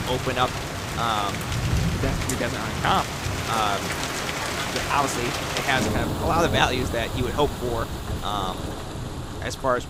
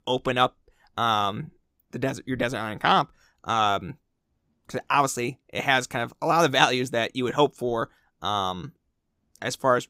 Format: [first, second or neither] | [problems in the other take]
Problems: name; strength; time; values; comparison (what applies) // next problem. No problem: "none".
second | rain or running water; loud; throughout; 2 dB below the speech